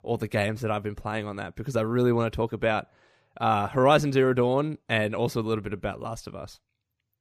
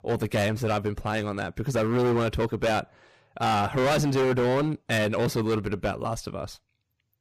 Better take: first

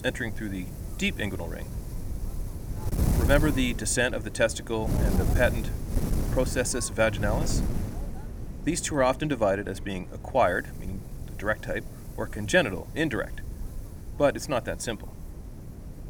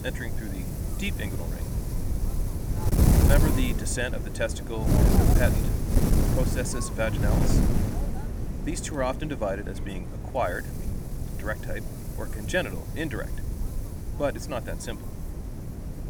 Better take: first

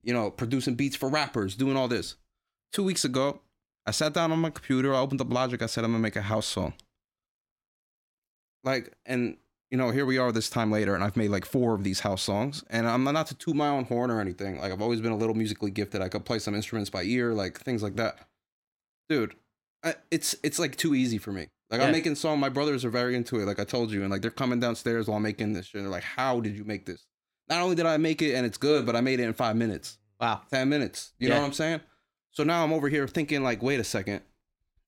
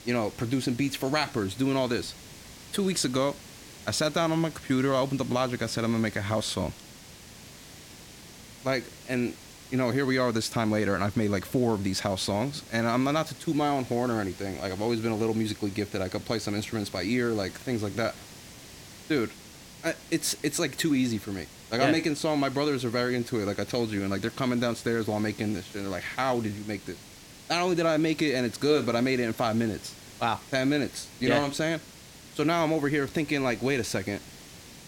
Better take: first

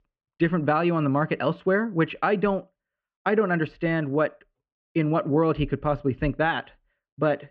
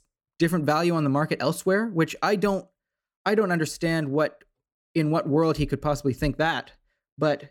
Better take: second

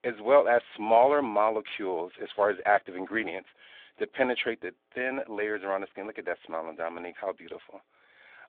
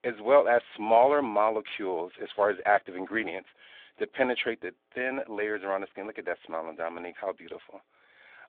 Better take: neither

